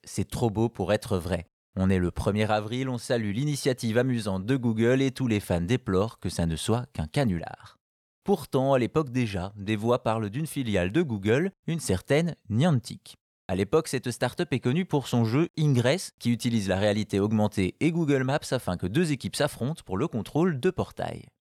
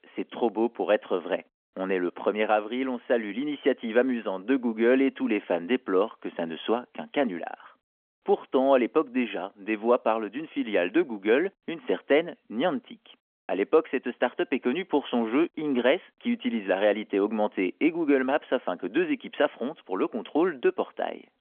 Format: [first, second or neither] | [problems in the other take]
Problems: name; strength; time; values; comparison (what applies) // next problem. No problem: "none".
first | phone-call audio; nothing above 3.5 kHz